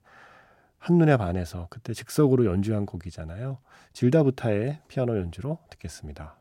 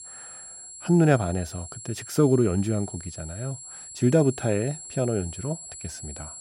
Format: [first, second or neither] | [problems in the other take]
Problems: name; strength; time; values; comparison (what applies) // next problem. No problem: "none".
first | high-pitched whine; noticeable; throughout; 7.5 kHz, 15 dB below the speech